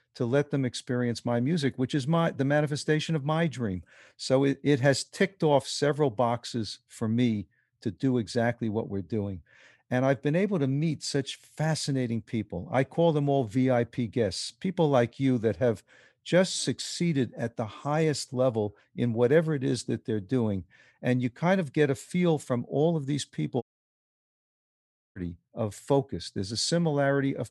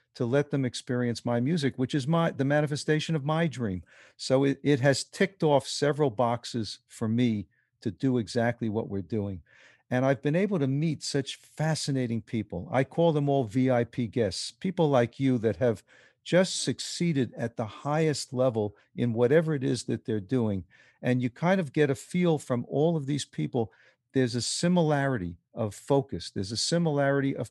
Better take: second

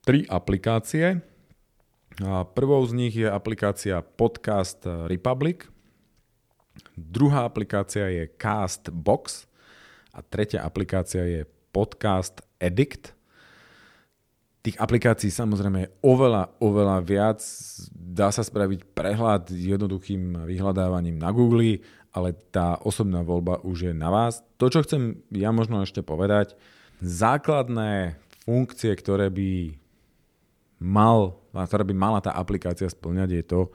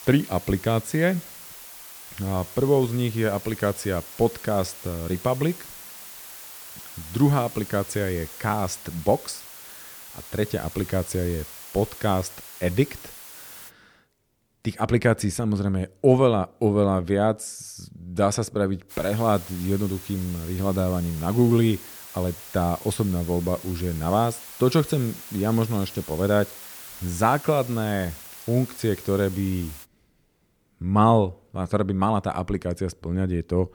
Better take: first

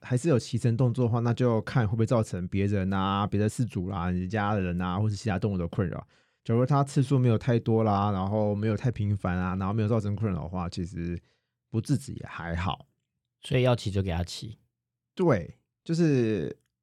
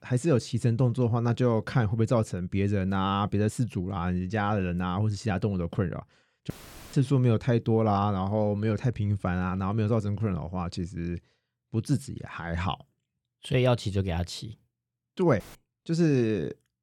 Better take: first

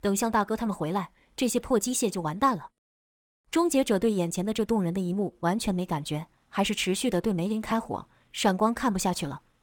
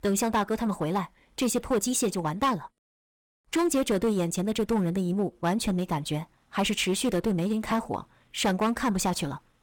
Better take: first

